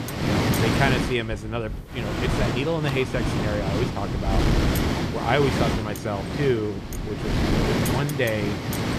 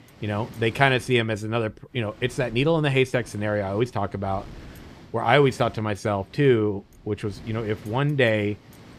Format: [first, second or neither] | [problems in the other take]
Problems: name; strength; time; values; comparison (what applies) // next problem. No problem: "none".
second | wind noise on the microphone; heavy; as loud as the speech; occasional gusts in the second